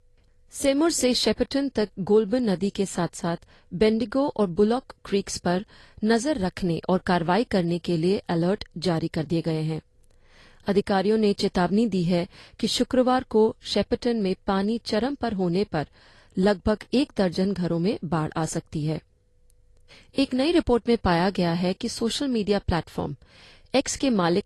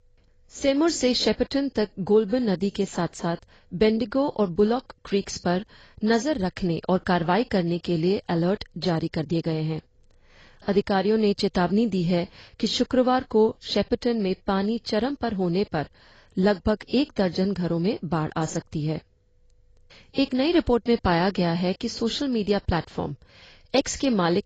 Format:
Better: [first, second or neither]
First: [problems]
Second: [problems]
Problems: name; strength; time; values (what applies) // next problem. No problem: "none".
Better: first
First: garbled, watery; slightly; nothing above 11.5 kHz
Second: garbled, watery; badly; nothing above 7.5 kHz